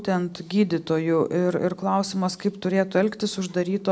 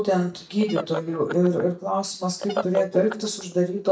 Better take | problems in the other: first | noise reduction (neural mask model DeepFilterNet 3)

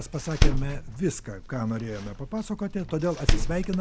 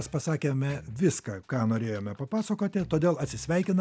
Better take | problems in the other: second | background sound (Door); 3 dB above the speech

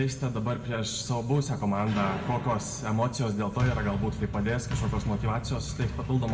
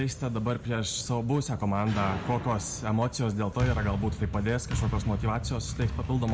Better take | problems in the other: second | room echo; dies away in 1 s

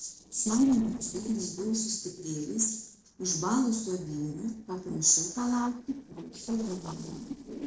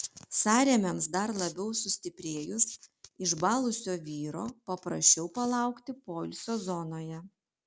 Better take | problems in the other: second | noise reduction (neural separator model SepFormer DNS4)

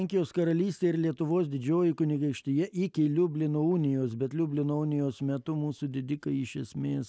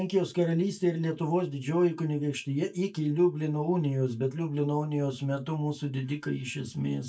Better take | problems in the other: first | noise reduction (neural mask model DeepFilterNet 3)

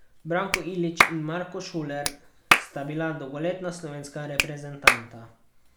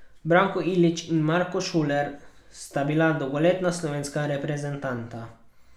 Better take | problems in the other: second | background sound (Clapping); 4 dB above the speech

